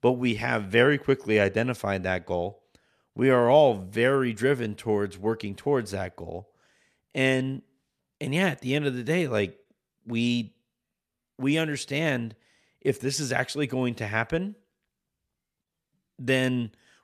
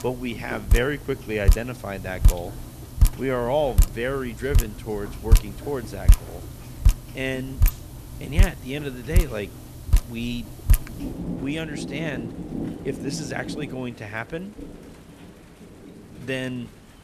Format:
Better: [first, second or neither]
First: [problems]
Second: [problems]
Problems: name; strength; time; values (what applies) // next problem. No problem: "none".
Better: first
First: none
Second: rain or running water; very loud; throughout; 4 dB above the speech